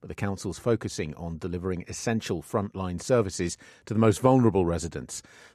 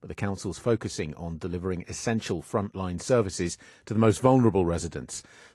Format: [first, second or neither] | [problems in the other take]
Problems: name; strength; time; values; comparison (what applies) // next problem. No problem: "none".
first | garbled, watery; slightly